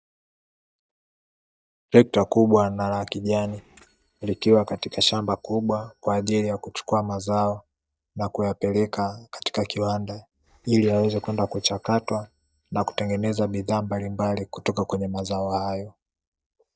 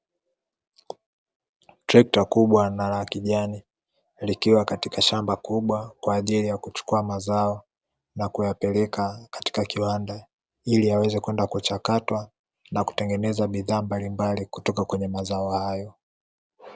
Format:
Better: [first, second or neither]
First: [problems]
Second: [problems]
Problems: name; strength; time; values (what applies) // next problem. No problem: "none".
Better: second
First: noise reduction (neural mask model DeepFilterNet 3)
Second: none